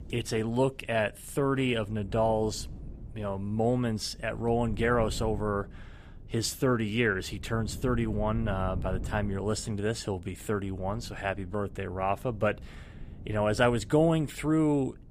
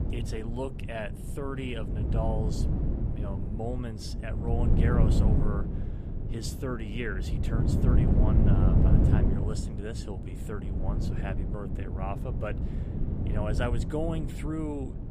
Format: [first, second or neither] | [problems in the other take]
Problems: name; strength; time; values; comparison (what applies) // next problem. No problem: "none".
first | wind noise on the microphone; heavy; 2 dB below the speech; occasional gusts in the first